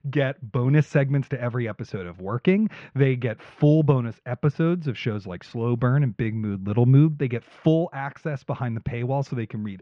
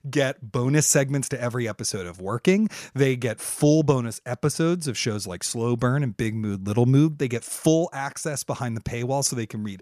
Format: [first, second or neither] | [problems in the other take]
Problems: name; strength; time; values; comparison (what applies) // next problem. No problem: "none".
second | muffled; very; fading above 3 kHz